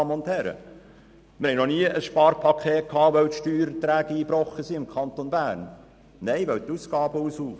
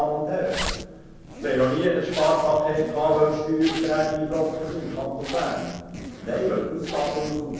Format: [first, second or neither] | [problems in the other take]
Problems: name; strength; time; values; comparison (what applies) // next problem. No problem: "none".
first | background sound (Zipper (clothing)); 12 dB below the speech // room echo; dies away in 1.1 s